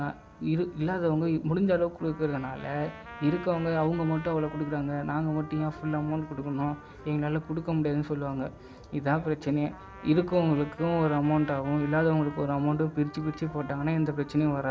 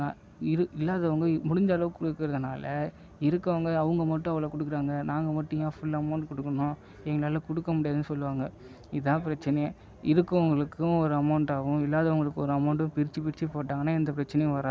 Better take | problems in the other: second | background sound (Trumpet); 19 dB below the speech // room echo; dies away in 0.4 s

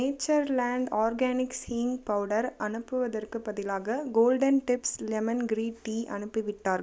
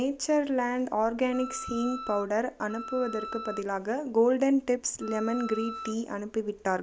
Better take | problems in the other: first | background sound (Wind instrument, woodwind instrument); 12 dB below the speech

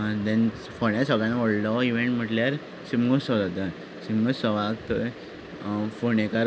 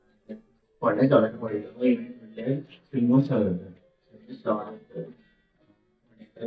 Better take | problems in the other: first | noise reduction (neural mask model DeepFilterNet 3)

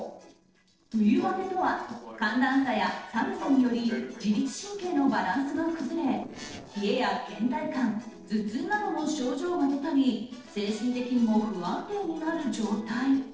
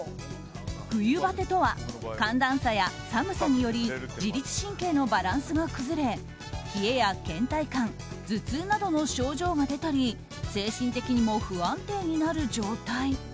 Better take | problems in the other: second | noise reduction (neural separator model SepFormer DNS4)

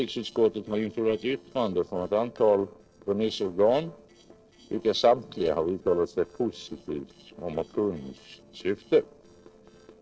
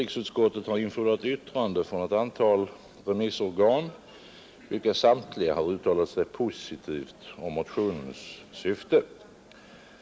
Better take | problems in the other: second | noise reduction (neural separator model SepFormer DNS4)

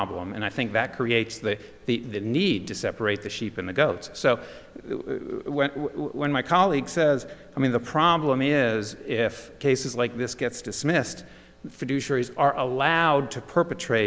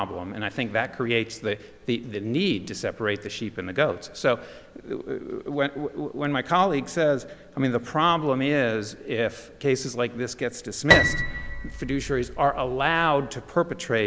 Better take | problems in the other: first | background sound (Piano); 1 dB below the speech

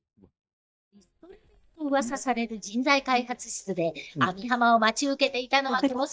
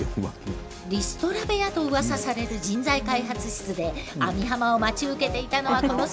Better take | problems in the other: second | noise reduction (neural mask model DeepFilterNet 3)

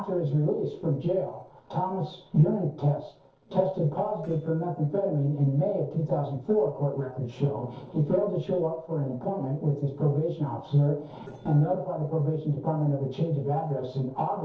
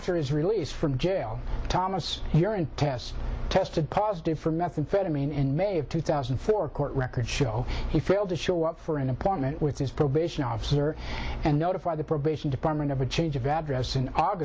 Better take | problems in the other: second | noise reduction (neural separator model SepFormer DNS4)

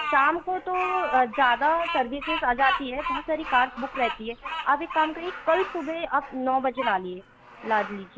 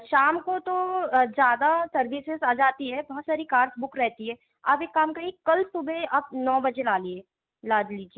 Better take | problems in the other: second | background sound (Bird vocalization, bird call, bird song); 8 dB below the speech

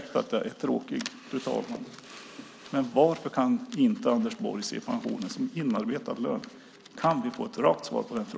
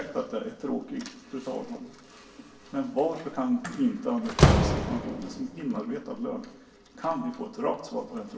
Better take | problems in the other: first | background sound (Slam); 1 dB above the speech // room echo; dies away in 0.8 s

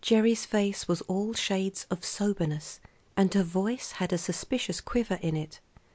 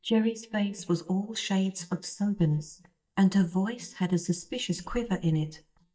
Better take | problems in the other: first | noise reduction (neural mask model DeepFilterNet 3)

